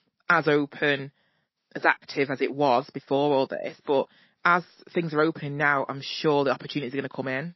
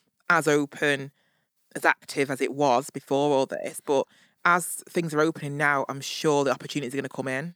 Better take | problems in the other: second | garbled, watery; slightly; nothing above 5.5 kHz

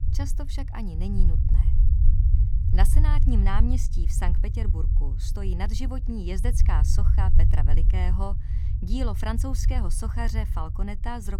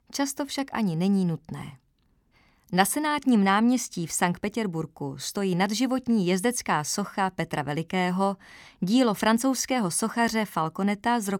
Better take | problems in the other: second | low rumble; loud; throughout; 7 dB below the speech

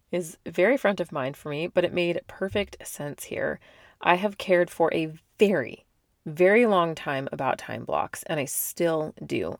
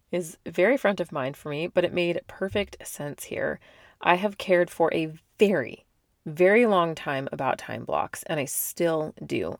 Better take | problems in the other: neither | none

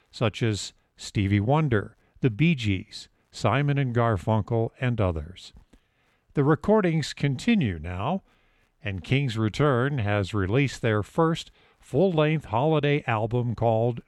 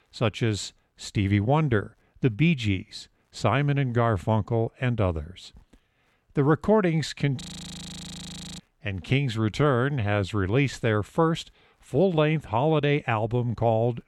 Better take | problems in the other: first | audio freezing; at 7.5 s for 1 s

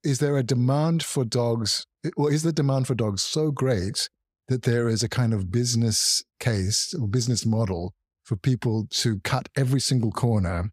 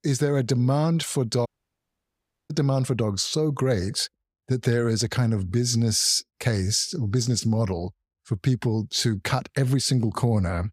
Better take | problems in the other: first | audio cutting out; at 1.5 s for 1 s

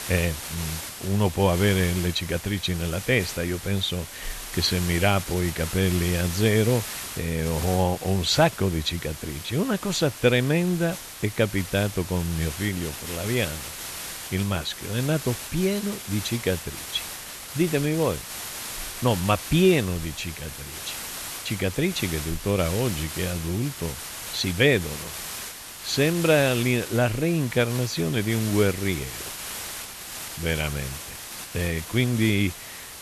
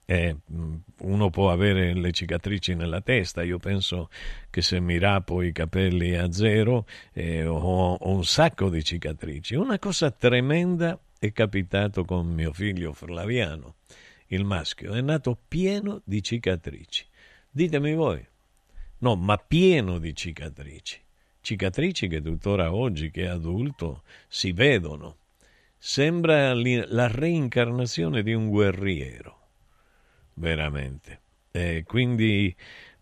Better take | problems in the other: second | hiss; loud; throughout; 9 dB below the speech

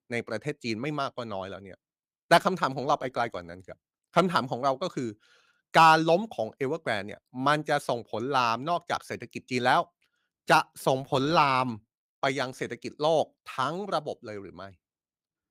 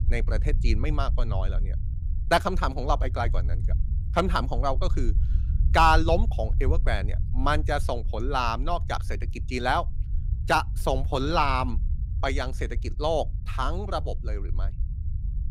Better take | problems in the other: first | low rumble; faint; throughout; 20 dB below the speech

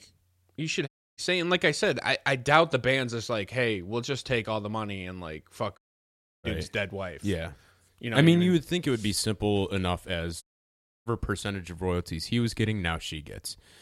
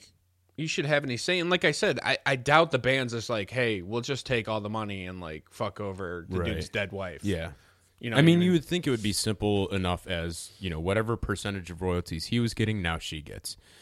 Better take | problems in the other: second | audio cutting out; at 1 s, at 6 s for 0.5 s and at 10 s for 0.5 s

